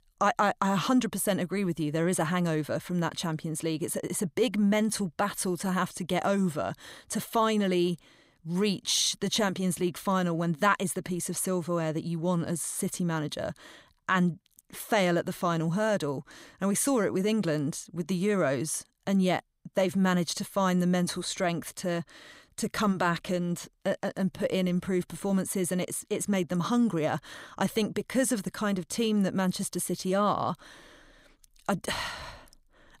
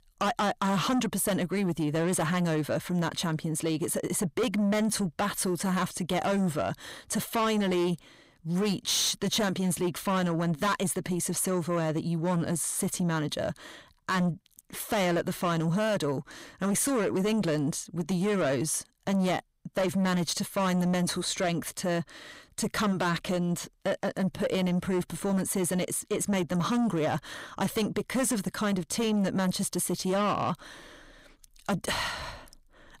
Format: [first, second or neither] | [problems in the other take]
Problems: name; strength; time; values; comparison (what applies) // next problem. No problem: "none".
first | distortion; slight; 10 dB below the speech